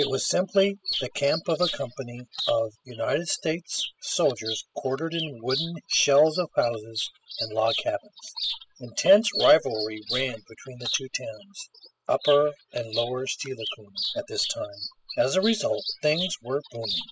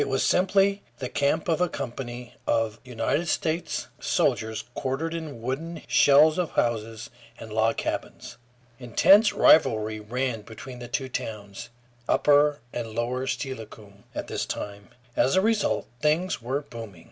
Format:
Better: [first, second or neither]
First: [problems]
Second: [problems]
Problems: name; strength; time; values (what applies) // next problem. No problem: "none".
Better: second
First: noise reduction (classical method spectral subtraction)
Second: none